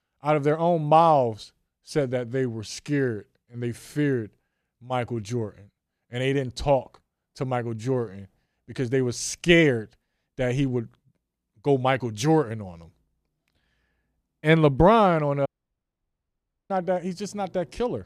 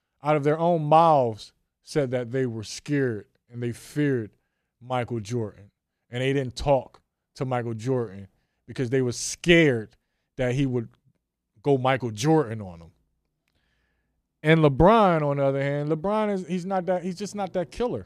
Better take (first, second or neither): second